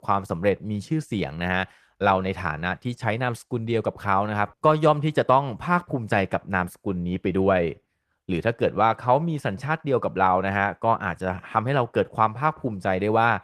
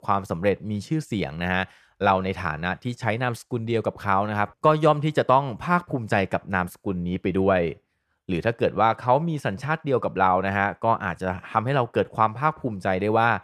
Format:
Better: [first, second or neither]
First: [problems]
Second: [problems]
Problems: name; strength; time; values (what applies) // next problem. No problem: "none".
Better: second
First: garbled, watery; slightly; nothing above 13.5 kHz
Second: none